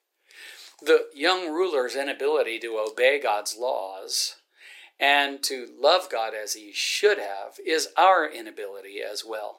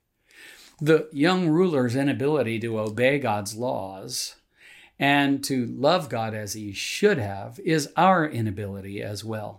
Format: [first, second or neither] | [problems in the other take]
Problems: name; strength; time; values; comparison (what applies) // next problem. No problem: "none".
second | thin; very; fading below 400 Hz